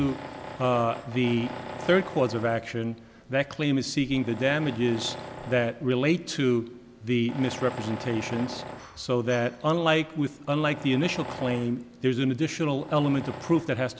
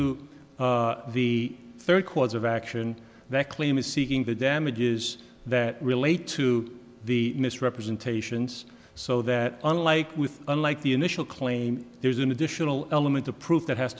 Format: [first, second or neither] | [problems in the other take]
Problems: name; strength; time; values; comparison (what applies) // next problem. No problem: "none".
second | background sound (Tools); 14 dB below the speech